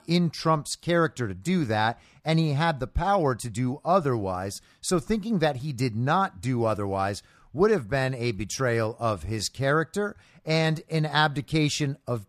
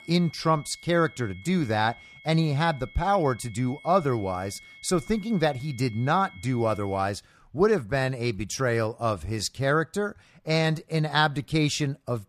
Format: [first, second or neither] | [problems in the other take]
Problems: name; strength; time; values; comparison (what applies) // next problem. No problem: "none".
first | high-pitched whine; faint; until 7 s; 2 kHz, 20 dB below the speech